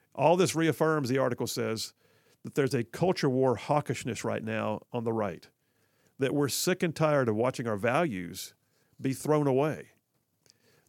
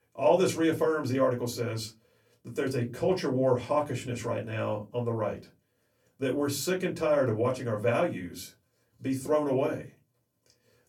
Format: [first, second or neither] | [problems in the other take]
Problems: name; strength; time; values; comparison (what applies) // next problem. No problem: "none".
first | off-mic speech; far // room echo; very slight; dies away in 0.2 s